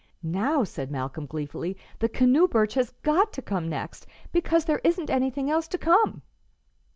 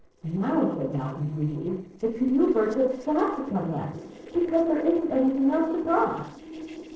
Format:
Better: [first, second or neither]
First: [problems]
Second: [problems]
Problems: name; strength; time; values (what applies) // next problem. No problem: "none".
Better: first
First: none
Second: noise reduction (neural separator model SepFormer DNS4)